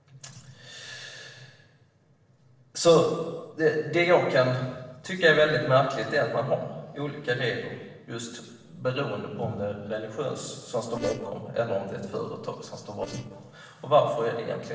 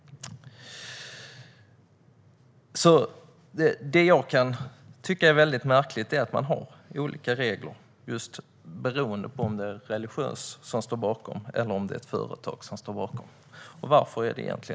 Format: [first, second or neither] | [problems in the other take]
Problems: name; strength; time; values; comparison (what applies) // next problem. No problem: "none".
second | noise reduction (neural separator model SepFormer DNS4)